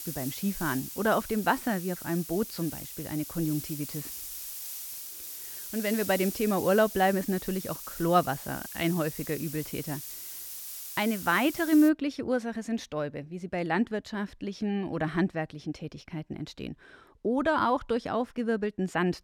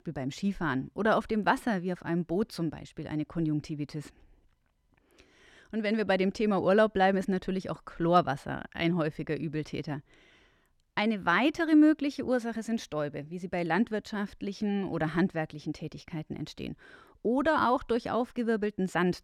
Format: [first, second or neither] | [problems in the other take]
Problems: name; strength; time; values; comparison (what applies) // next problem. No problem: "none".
second | hiss; loud; until 12 s; 8 dB below the speech